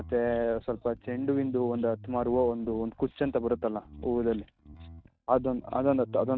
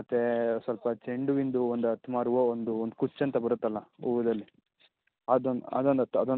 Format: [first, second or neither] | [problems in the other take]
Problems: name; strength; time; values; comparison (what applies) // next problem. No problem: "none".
second | noise reduction (neural mask model RNNoise)